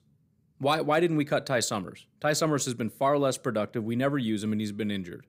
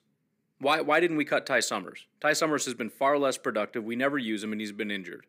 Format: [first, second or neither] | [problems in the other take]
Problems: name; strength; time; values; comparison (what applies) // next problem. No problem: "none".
first | thin; very slightly; fading below 300 Hz